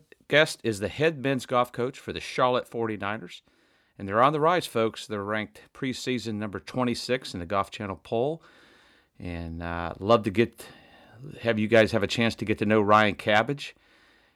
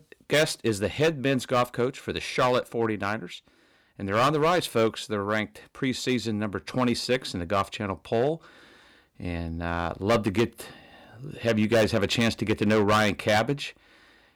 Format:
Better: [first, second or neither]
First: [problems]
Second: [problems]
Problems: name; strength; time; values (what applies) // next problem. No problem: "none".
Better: first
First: none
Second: distortion; heavy; 6% of the sound clipped